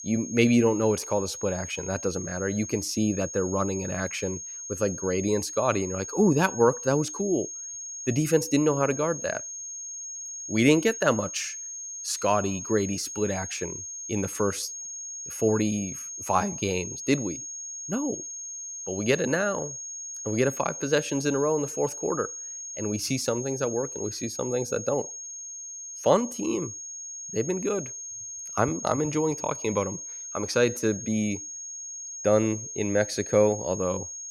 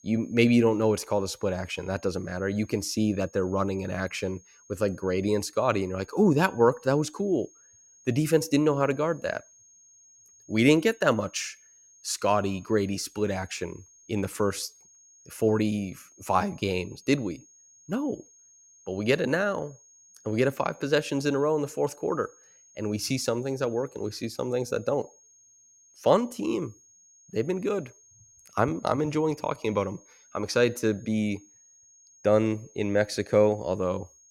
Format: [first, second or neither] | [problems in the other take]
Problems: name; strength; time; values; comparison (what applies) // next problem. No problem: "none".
second | high-pitched whine; loud; throughout; 6.5 kHz, 8 dB below the speech; faint in the second